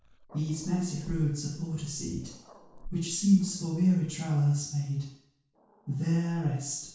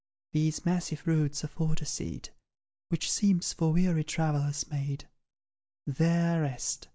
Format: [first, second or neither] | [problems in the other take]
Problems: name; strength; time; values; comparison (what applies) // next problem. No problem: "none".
second | background sound (Growling); 19 dB below the speech // room echo; dies away in 0.6 s